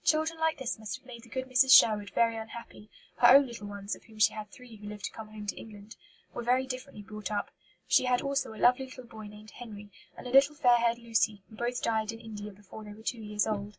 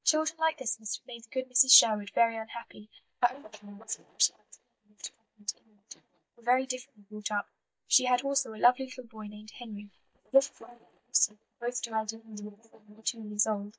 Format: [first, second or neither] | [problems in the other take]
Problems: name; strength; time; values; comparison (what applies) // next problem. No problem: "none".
first | noise reduction (neural mask model DeepFilterNet 3)